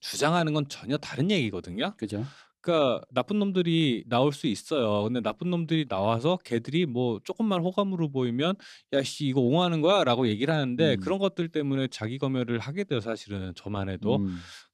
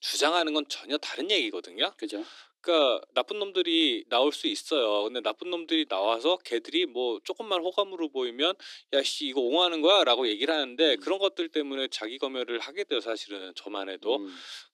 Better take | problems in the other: first | thin; somewhat; fading below 300 Hz

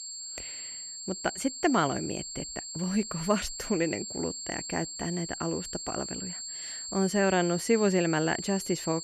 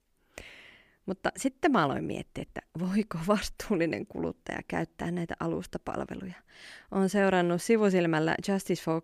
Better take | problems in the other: second | high-pitched whine; loud; throughout; 7.5 kHz, 7 dB below the speech

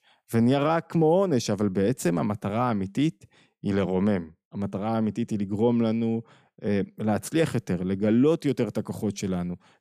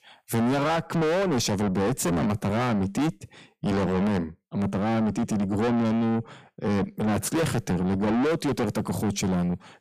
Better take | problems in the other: first | distortion; heavy; 6 dB below the speech

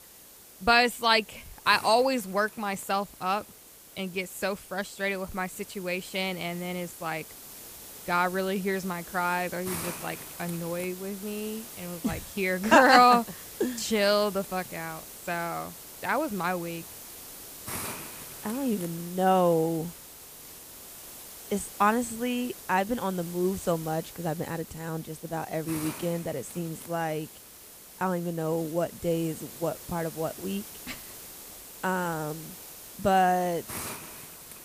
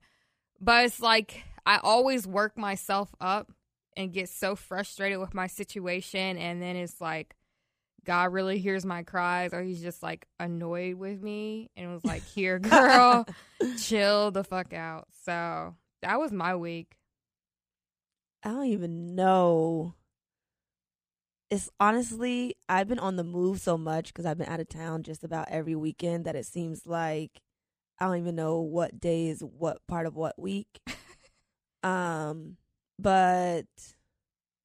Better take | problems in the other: second | hiss; noticeable; throughout; 15 dB below the speech

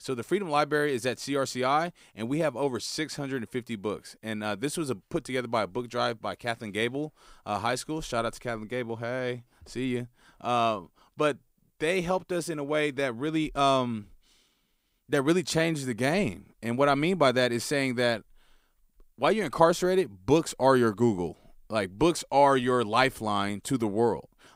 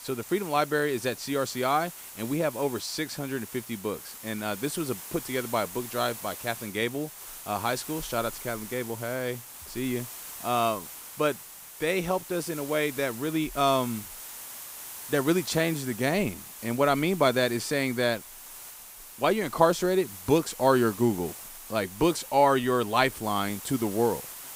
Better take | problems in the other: first | hiss; noticeable; throughout; 10 dB below the speech

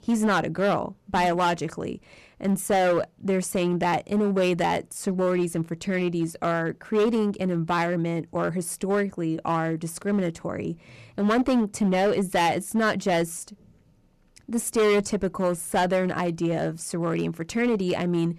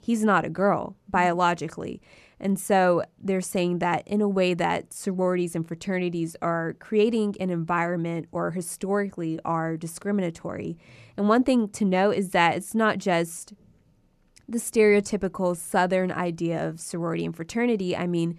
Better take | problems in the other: second | distortion; slight; 8% of the sound clipped

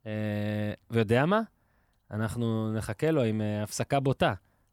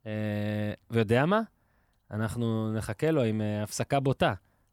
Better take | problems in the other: neither | none

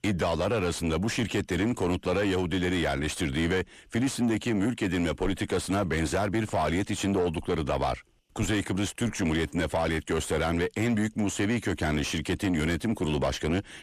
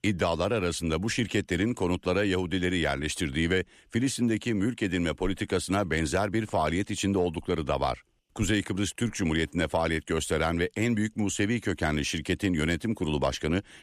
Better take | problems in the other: second | distortion; slight; 10 dB below the speech

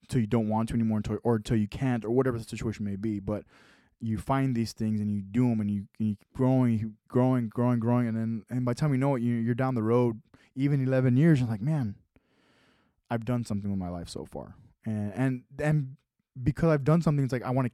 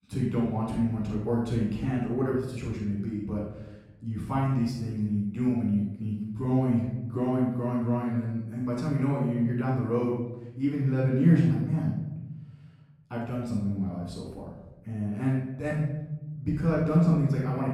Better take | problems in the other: first | off-mic speech; far // room echo; noticeable; dies away in 1 s

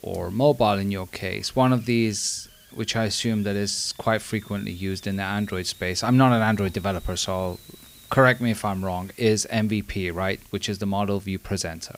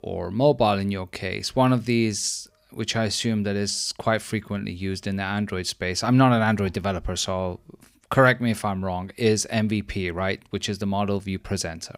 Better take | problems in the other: second | hiss; faint; throughout; 25 dB below the speech

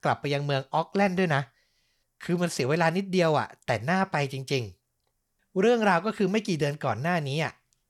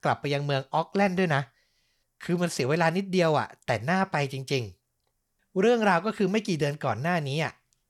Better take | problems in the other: neither | none

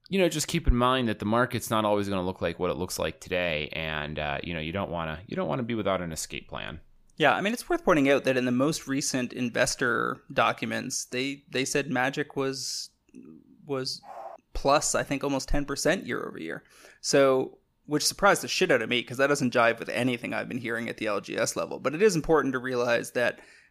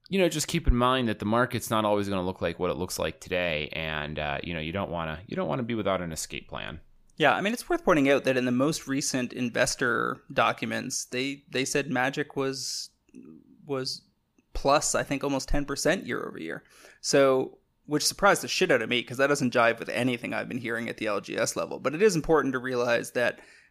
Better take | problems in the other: second | dog barking; faint; at 14 s; peak 15 dB below the speech

